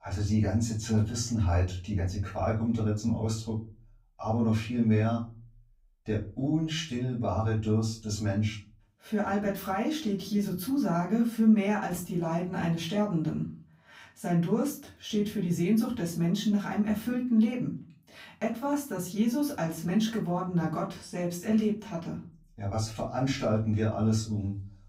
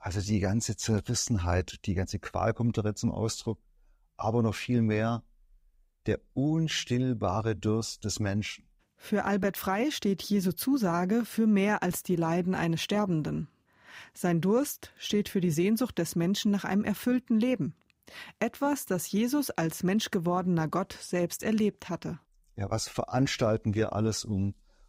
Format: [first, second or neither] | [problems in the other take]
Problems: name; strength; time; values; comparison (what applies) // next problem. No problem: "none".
second | off-mic speech; far // room echo; slight; dies away in 0.3 s